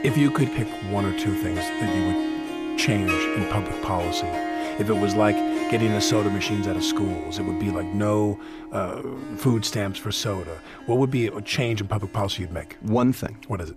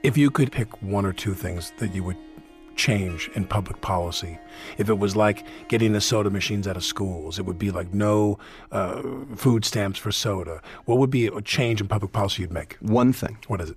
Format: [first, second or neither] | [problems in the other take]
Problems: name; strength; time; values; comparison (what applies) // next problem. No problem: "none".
second | background music; loud; throughout; 1 dB below the speech; faint in the second